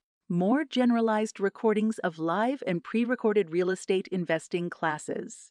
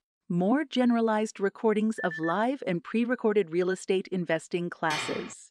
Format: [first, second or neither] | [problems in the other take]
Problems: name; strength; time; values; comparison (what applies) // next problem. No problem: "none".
first | phone ringing; noticeable; at 2 s; peak 8 dB below the speech // clattering dishes; noticeable; at 5 s; peak 5 dB below the speech